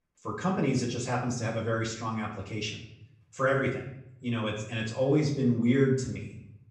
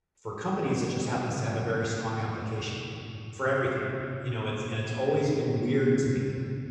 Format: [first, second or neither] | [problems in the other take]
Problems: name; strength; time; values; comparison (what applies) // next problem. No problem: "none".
first | room echo; strong; dies away in 3 s; slight in the first // off-mic speech; far; far in the first